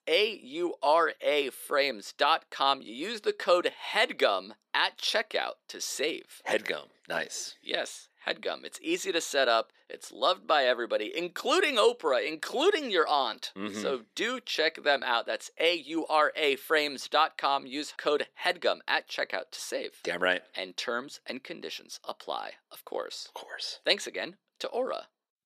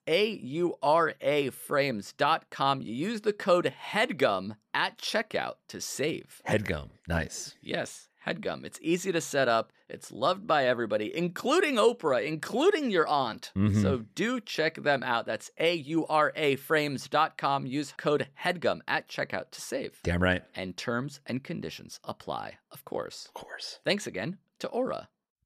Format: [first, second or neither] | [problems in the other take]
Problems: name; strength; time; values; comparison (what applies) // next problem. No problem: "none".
second | thin; somewhat; fading below 350 Hz